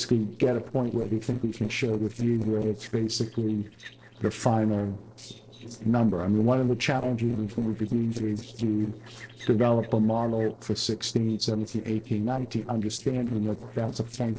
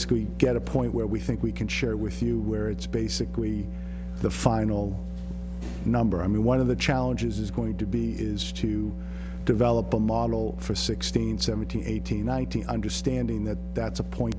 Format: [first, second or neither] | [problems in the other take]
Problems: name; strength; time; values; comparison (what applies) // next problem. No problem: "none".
second | noise reduction (neural separator model SepFormer DNS4)